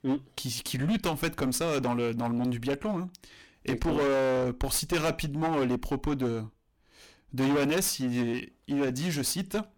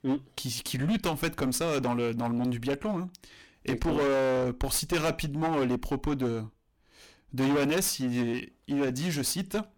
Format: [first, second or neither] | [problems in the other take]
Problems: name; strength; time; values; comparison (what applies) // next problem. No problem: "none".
neither | distortion; heavy; 16% of the sound clipped; the same in both